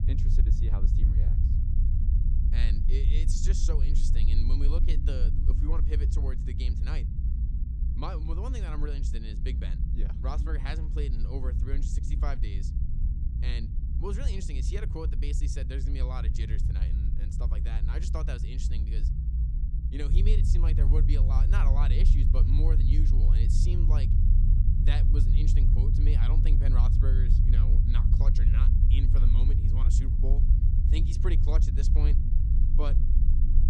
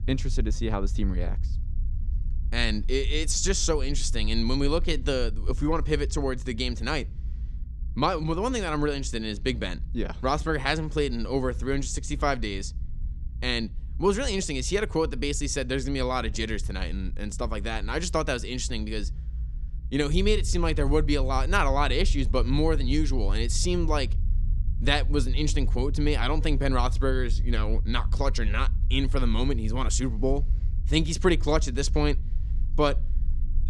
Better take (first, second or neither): second